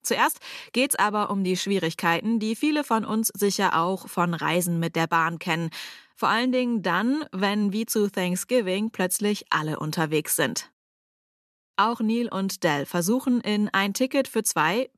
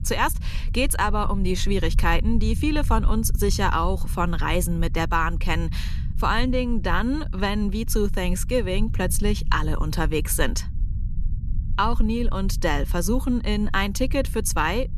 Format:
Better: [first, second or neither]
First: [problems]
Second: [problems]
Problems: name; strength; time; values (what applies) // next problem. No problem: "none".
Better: first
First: none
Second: low rumble; faint; throughout; 20 dB below the speech